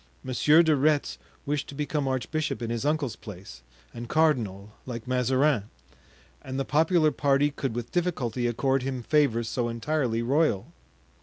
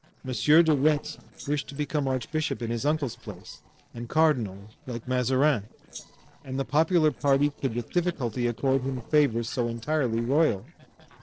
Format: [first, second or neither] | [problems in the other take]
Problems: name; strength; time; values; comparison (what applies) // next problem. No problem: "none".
first | noise reduction (neural separator model SepFormer DNS4)